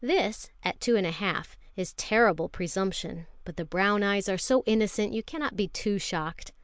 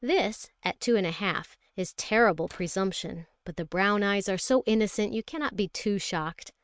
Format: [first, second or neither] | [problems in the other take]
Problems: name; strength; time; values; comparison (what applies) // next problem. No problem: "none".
first | noise reduction (neural mask model RNNoise)